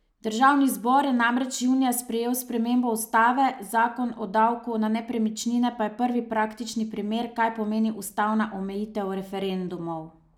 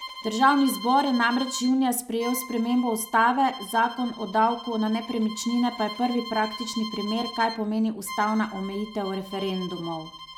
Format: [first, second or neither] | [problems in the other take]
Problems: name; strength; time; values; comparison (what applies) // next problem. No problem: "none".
first | background sound (Bowed string instrument); 14 dB below the speech